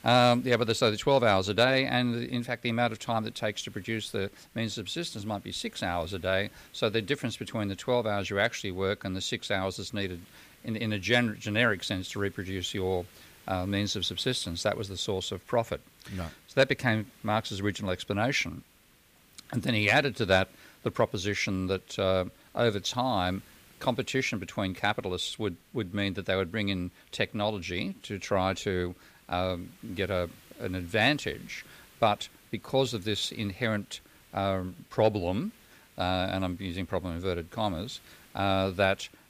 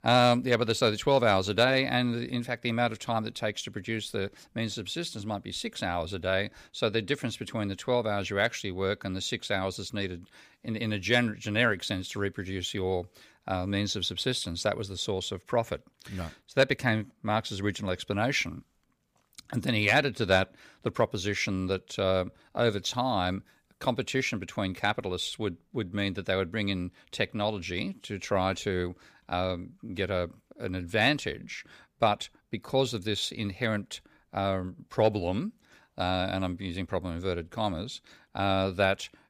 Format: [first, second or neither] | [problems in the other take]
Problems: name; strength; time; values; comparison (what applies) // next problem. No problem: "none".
second | hiss; faint; throughout; 25 dB below the speech